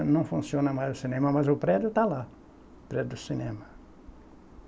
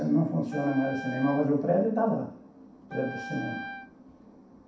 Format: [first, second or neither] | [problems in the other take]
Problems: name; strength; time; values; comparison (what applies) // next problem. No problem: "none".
first | background sound (Wind instrument, woodwind instrument); 13 dB below the speech // room echo; dies away in 0.6 s